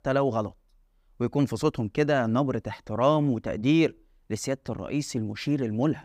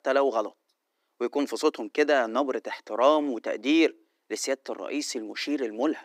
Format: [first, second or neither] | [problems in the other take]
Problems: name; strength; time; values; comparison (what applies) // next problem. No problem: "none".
first | thin; somewhat; fading below 300 Hz